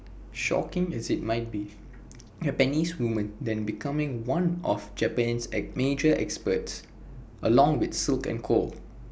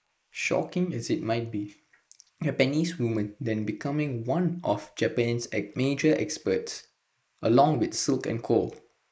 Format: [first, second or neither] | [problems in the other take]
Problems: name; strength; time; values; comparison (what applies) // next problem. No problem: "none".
first | noise reduction (neural mask model Resemble Enhance denoiser)